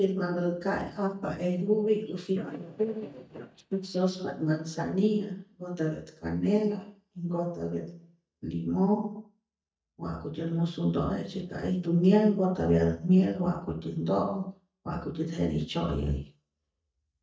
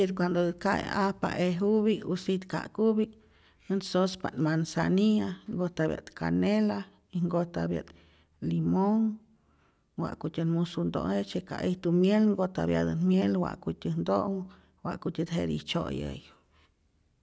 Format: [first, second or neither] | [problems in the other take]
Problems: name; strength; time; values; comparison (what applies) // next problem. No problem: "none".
second | noise reduction (neural mask model DeepFilterNet 3)